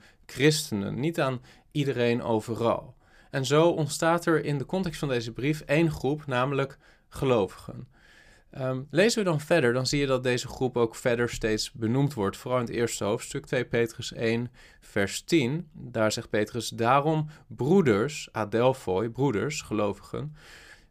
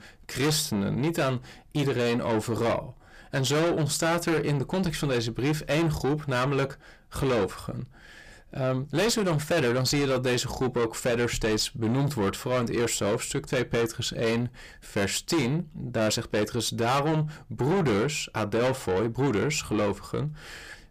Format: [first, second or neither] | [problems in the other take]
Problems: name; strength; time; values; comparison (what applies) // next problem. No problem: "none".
first | distortion; heavy; 6 dB below the speech